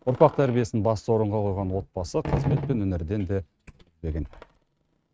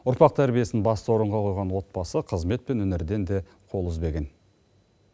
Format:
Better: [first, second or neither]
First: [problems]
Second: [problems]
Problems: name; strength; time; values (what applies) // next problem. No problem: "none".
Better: second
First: noise reduction (neural mask model RNNoise)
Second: none